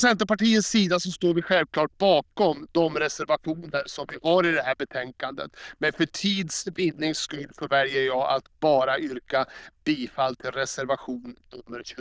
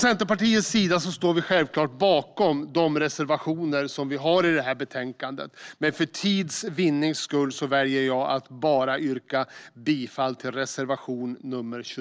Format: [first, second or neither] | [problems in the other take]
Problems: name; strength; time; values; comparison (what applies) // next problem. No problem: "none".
second | noise reduction (neural diffusion model UNIVERSE++)